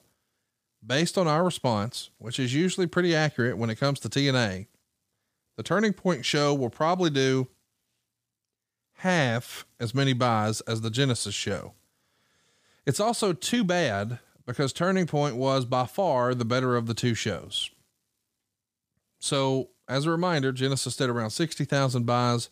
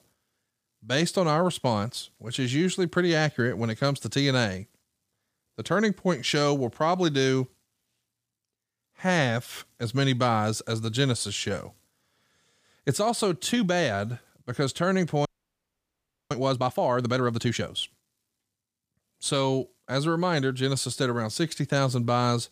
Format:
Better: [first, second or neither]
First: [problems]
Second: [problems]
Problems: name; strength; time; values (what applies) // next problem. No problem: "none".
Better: first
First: none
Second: audio freezing; at 15 s for 1 s